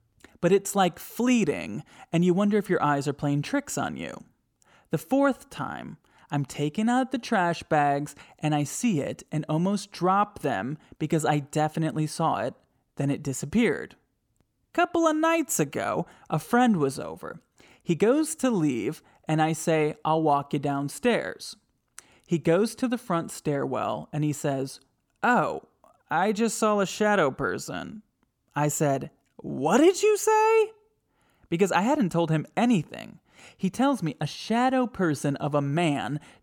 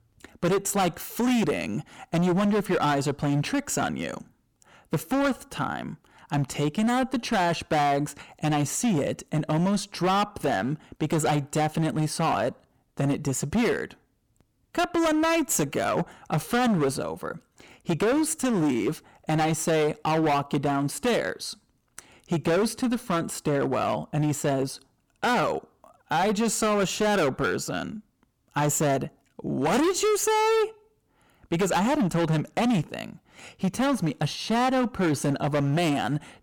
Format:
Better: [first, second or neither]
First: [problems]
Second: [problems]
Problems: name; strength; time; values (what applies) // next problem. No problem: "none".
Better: first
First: none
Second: distortion; heavy; 17% of the sound clipped